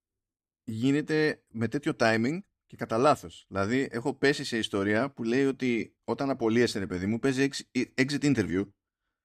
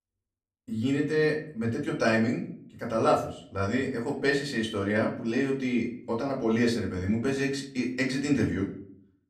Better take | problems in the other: first | room echo; slight; dies away in 0.4 s // off-mic speech; somewhat distant

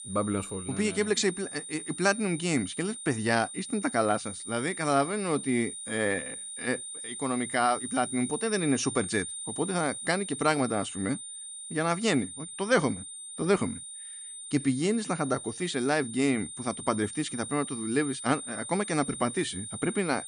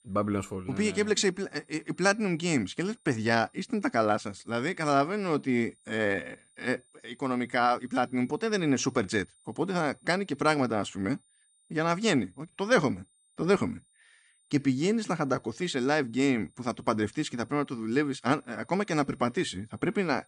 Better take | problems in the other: second | high-pitched whine; loud; throughout; 9 kHz, 8 dB below the speech; faint in the second

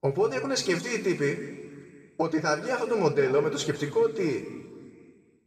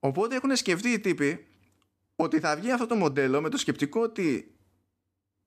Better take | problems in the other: second | room echo; noticeable; dies away in 1.5 s // off-mic speech; somewhat distant

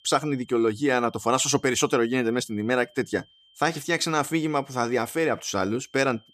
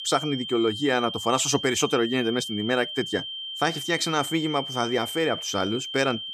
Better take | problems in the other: first | high-pitched whine; loud; throughout; 3 kHz, 6 dB below the speech; faint in the first

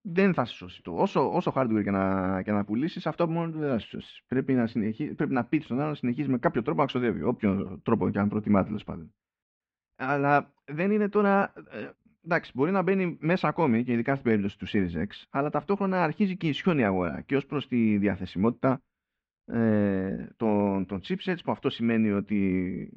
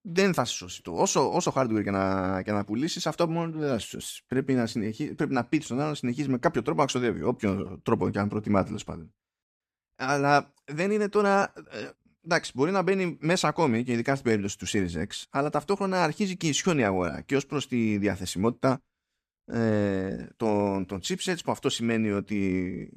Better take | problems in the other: second | muffled; very; fading above 3 kHz

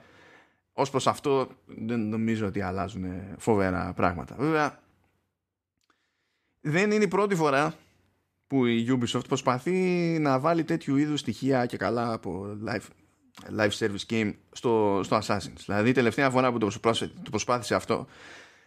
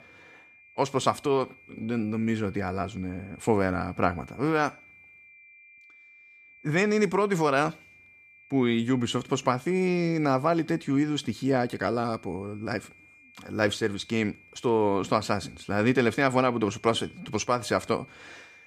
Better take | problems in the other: first | high-pitched whine; faint; throughout; 2.5 kHz, 25 dB below the speech

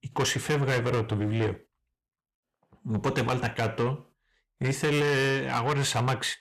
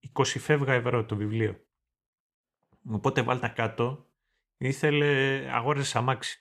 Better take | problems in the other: second | distortion; heavy; 7 dB below the speech

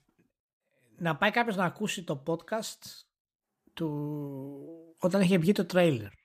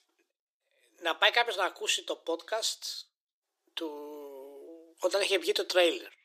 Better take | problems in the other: first | thin; very; fading below 350 Hz

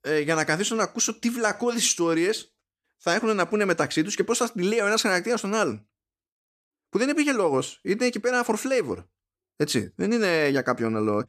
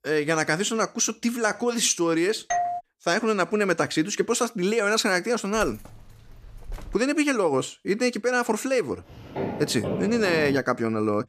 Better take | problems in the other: first | doorbell; noticeable; at 2.5 s; peak 2 dB below the speech // jangling keys; faint; from 5.5 to 7 s; peak 15 dB below the speech // footsteps; noticeable; from 9 to 11 s; peak 6 dB below the speech

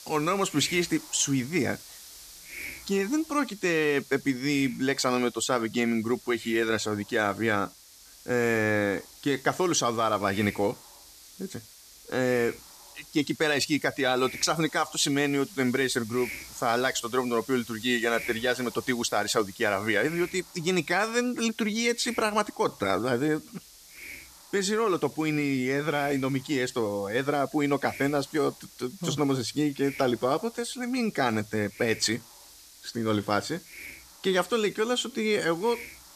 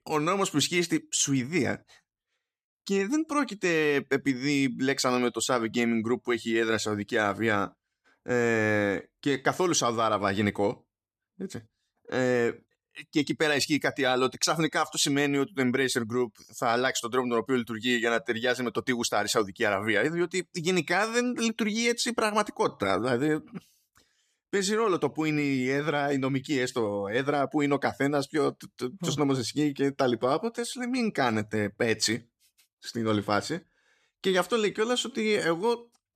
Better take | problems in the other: second | hiss; noticeable; throughout; 15 dB below the speech

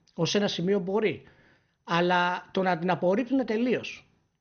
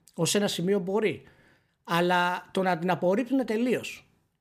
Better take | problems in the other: second | garbled, watery; slightly; nothing above 6.5 kHz

